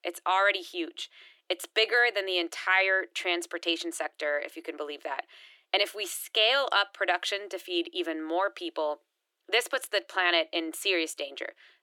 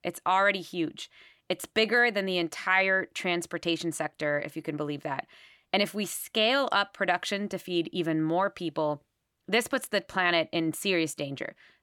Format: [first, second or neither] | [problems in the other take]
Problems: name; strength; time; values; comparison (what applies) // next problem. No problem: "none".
second | thin; very; fading below 350 Hz